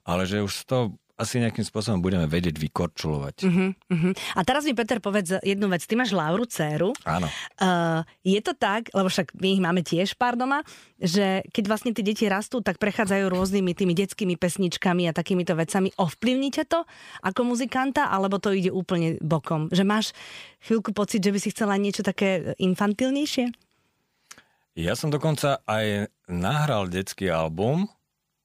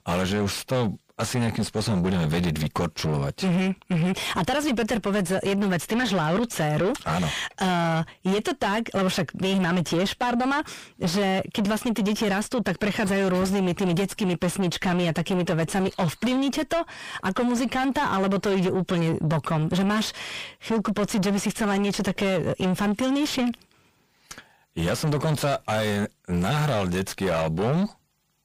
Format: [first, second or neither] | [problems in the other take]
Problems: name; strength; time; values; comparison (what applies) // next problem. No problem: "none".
first | distortion; heavy; 6 dB below the speech